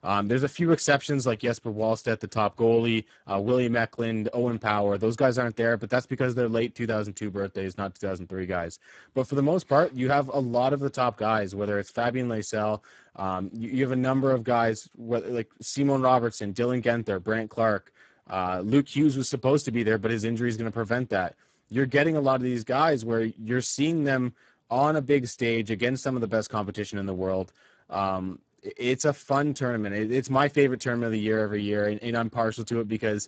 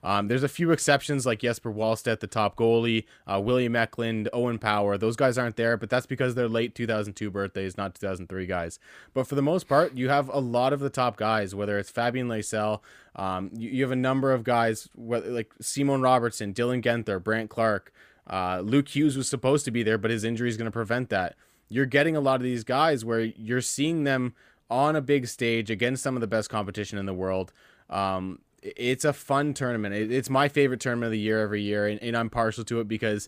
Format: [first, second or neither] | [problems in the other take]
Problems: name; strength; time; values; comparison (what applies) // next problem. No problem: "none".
second | garbled, watery; badly; nothing above 7.5 kHz